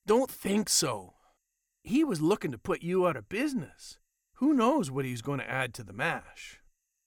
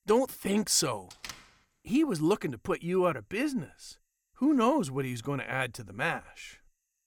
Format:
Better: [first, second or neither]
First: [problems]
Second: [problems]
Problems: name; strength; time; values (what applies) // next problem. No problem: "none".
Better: first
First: none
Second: door banging; faint; at 1 s; peak 15 dB below the speech